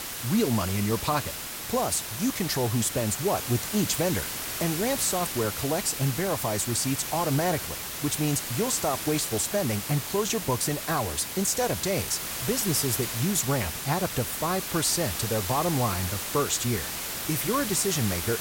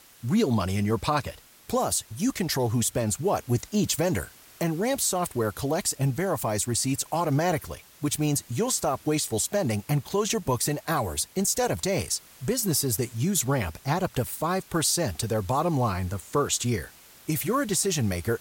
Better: second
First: hiss; loud; throughout; 4 dB below the speech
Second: hiss; faint; throughout; 25 dB below the speech

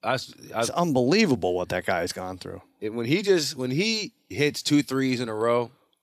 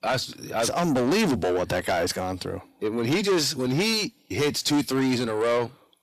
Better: first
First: none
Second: distortion; heavy; 7 dB below the speech

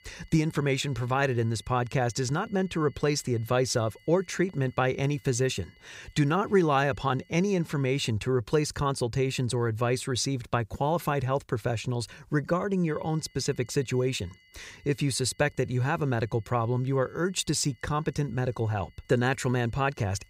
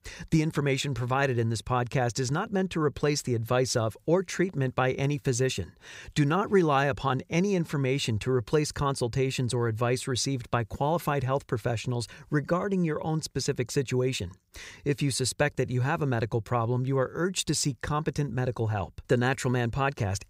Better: second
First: high-pitched whine; faint; until 8 s and from 13 s on; 2 kHz, 30 dB below the speech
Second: none

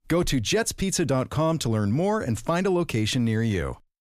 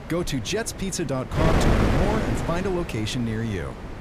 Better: first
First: none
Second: wind noise on the microphone; heavy; 1 dB above the speech

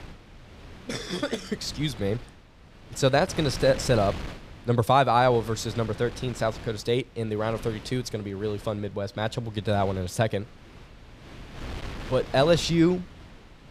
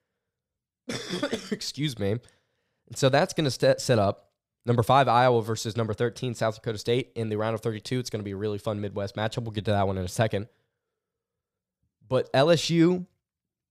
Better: second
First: wind noise on the microphone; occasional gusts; 15 dB below the speech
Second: none

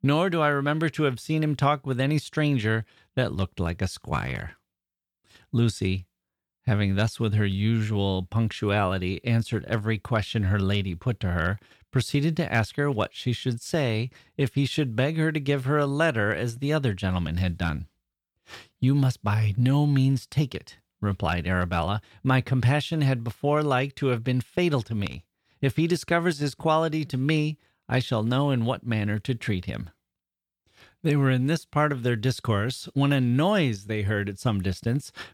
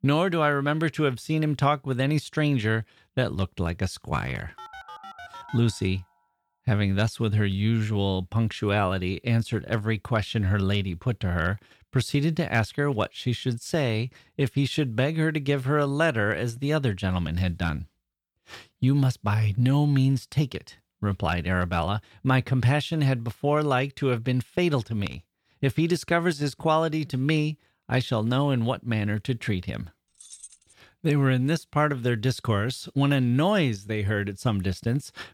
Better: first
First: none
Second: phone ringing; faint; from 4.5 to 6 s; peak 15 dB below the speech // jangling keys; faint; at 30 s; peak 20 dB below the speech

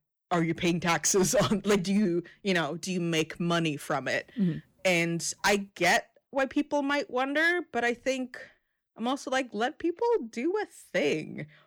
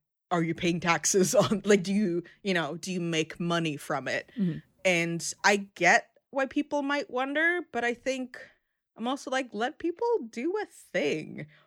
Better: second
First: distortion; slight; 4% of the sound clipped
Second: none

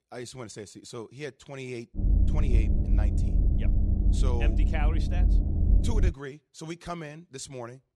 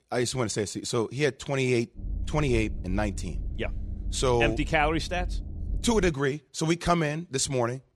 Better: second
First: low rumble; loud; from 2 to 6 s; 2 dB below the speech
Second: low rumble; faint; from 2 to 6 s; 25 dB below the speech

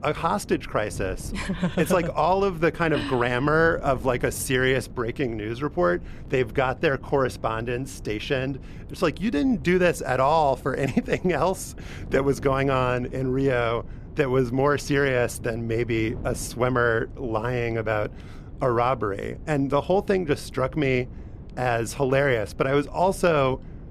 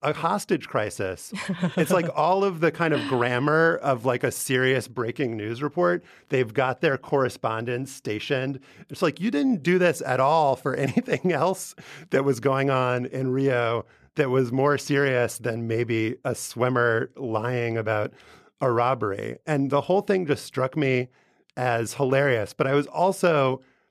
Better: second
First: wind noise on the microphone; occasional gusts; 25 dB below the speech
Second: none

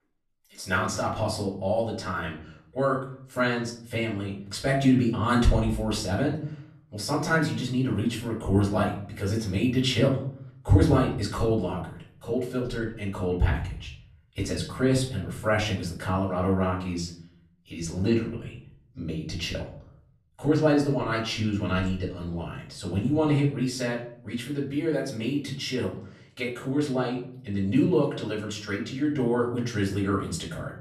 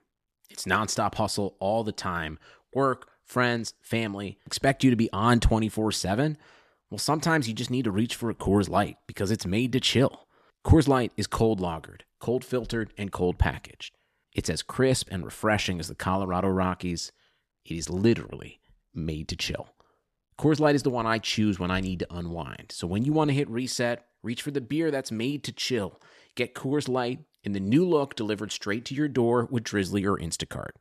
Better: second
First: off-mic speech; far // room echo; slight; dies away in 0.6 s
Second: none

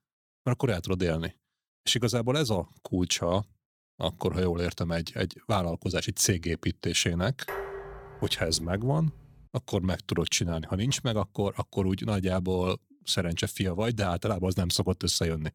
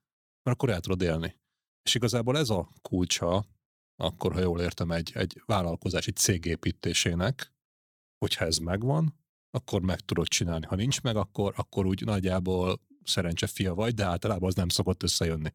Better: second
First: clattering dishes; noticeable; from 7.5 to 9.5 s; peak 7 dB below the speech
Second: none

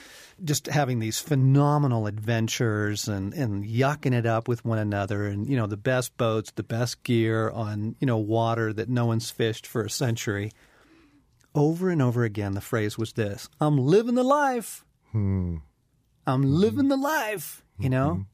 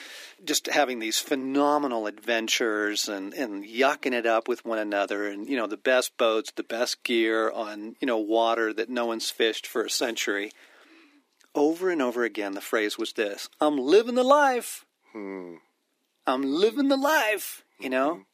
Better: first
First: none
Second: thin; somewhat; fading below 250 Hz

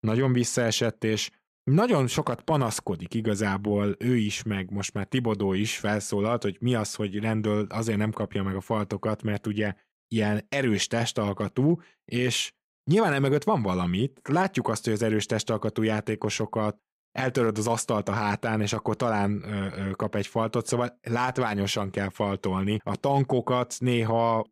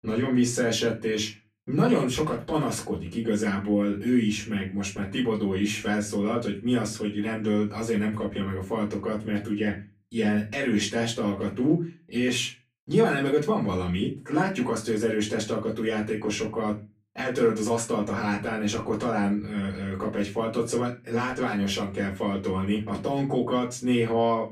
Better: first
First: none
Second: off-mic speech; far // room echo; very slight; dies away in 0.2 s

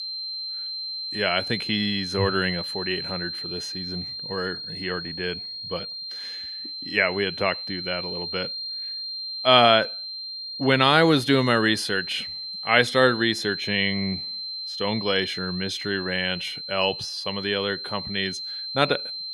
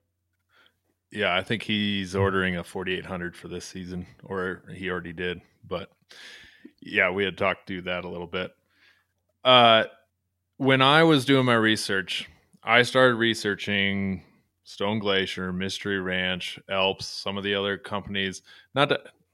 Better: second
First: high-pitched whine; loud; throughout; 4 kHz, 7 dB below the speech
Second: none

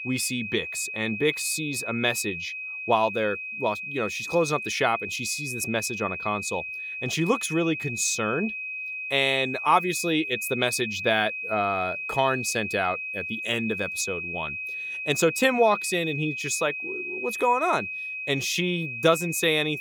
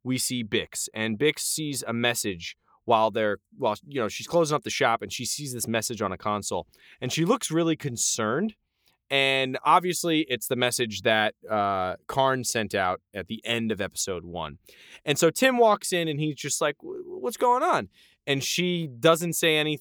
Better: second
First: high-pitched whine; loud; throughout; 2.5 kHz, 5 dB below the speech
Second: none

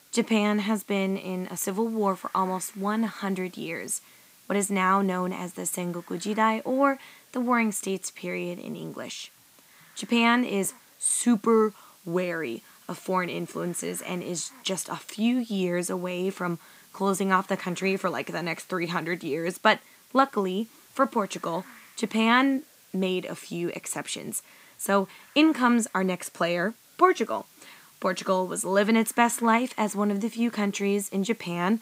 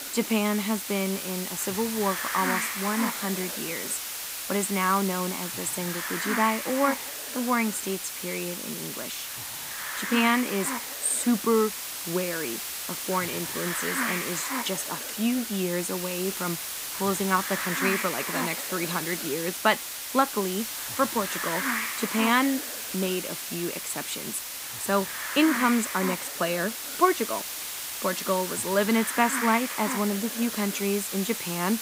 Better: first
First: hiss; faint; throughout; 25 dB below the speech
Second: hiss; loud; throughout; 3 dB below the speech

